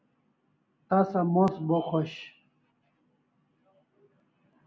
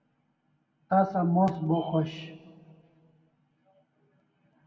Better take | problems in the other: first | room echo; dies away in 1.1 s

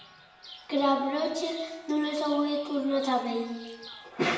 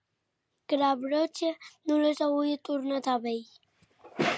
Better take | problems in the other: second | background sound (Chirp, tweet); 19 dB below the speech // room echo; dies away in 1.1 s

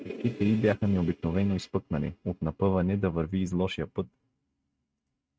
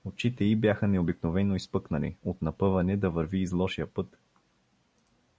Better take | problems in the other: second | noise reduction (neural mask model RNNoise)

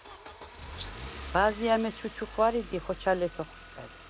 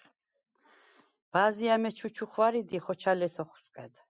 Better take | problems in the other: second | background sound (Rattle + Engine starting / Car); 13 dB below the speech

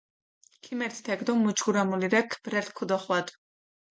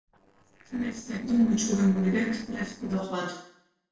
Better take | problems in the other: first | noise reduction (neural separator model SepFormer DNS4)

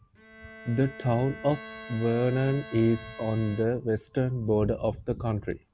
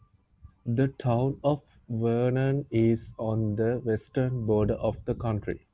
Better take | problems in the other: second | background sound (Trumpet + Bowed string instrument); 18 dB below the speech

